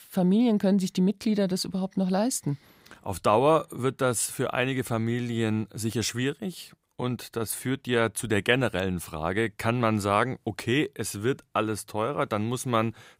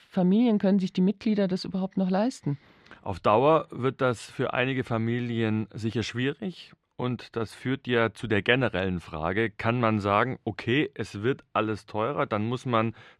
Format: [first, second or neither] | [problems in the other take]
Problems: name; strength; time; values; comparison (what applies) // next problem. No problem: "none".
first | muffled; slightly; fading above 3 kHz